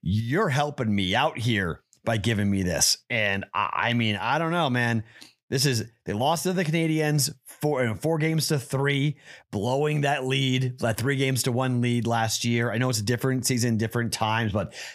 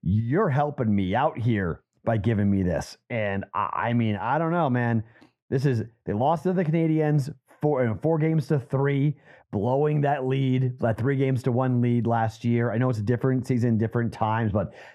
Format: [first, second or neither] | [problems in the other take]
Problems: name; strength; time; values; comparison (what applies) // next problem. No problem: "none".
first | muffled; very; fading above 2.5 kHz